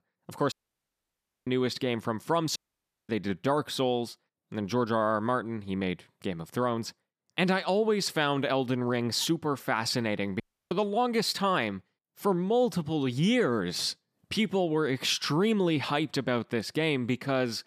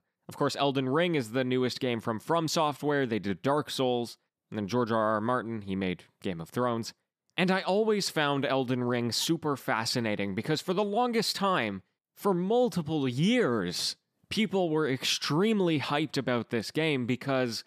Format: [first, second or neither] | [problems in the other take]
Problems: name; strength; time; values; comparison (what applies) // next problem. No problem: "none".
second | audio cutting out; at 0.5 s for 1 s, at 2.5 s for 0.5 s and at 10 s